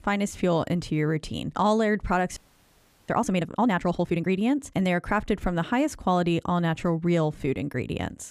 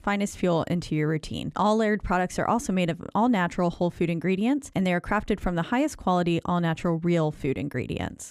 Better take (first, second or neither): second